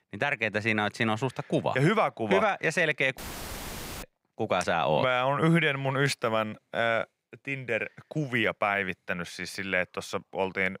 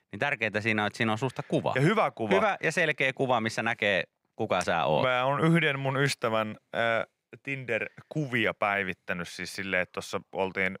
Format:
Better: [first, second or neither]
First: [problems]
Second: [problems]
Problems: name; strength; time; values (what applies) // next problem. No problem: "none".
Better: second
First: audio cutting out; filled with static; at 3 s for 1 s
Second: none